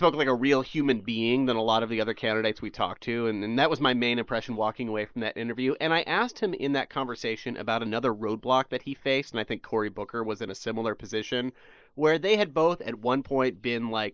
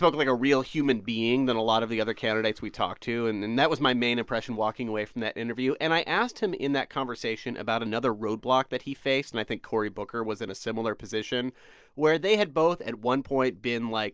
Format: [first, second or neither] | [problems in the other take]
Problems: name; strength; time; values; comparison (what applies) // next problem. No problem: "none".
second | noise reduction (neural mask model Resemble Enhance denoiser)